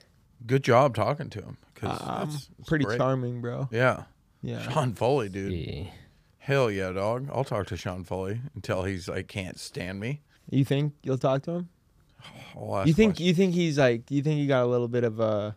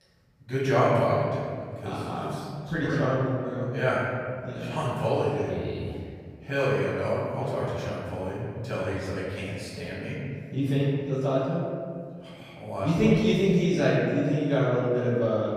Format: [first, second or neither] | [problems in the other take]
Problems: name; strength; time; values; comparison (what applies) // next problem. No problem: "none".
first | off-mic speech; far // room echo; strong; dies away in 1.8 s